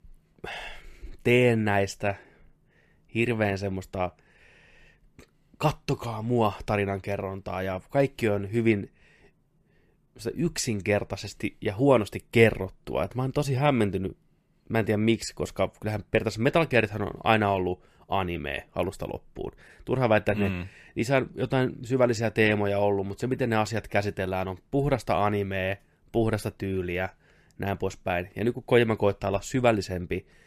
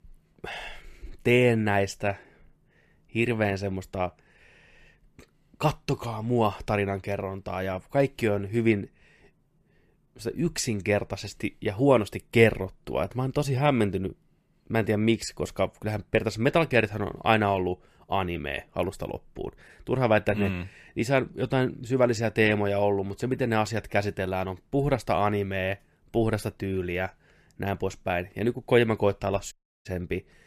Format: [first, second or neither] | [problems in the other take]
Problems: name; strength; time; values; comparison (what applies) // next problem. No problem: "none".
first | audio cutting out; at 30 s